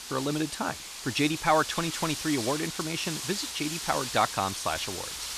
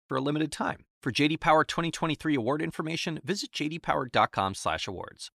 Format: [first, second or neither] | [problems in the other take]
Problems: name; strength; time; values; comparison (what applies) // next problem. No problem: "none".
second | wind noise on the microphone; heavy; 6 dB below the speech